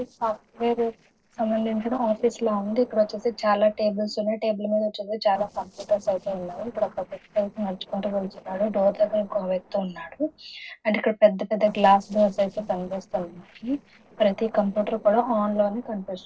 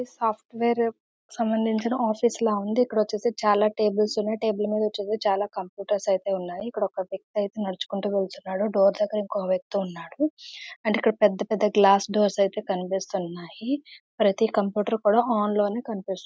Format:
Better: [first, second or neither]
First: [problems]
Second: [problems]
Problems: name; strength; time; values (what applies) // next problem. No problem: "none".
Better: second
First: noise reduction (neural separator model SepFormer DNS4)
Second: none